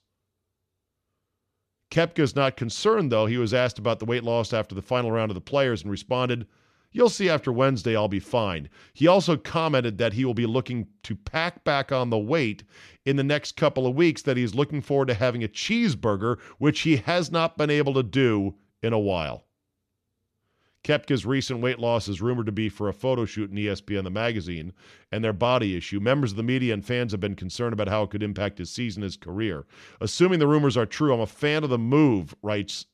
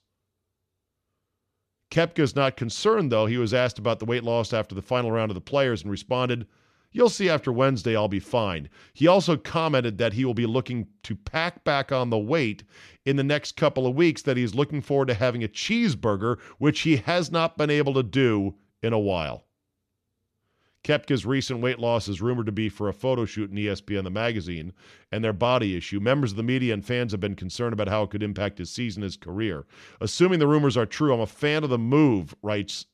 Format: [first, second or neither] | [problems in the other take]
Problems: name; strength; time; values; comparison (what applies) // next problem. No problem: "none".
neither | none